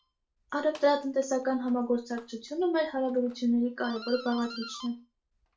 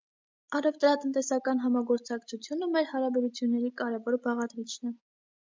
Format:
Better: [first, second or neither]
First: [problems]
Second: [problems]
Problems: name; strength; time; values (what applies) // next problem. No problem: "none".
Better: second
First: background sound (Doorbell); 19 dB below the speech // room echo; dies away in 0.3 s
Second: none